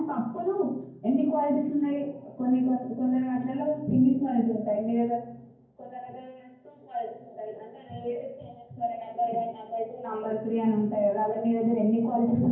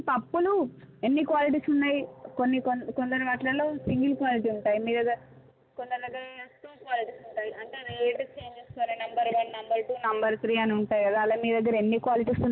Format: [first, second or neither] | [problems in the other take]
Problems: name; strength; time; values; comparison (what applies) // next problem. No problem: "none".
second | room echo; dies away in 0.9 s